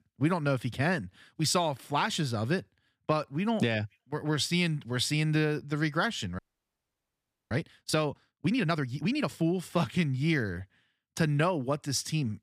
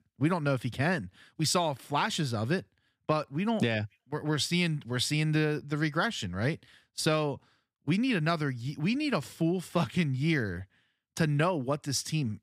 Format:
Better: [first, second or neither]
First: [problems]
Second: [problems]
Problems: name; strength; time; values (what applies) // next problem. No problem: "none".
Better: second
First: audio freezing; at 6.5 s for 1 s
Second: none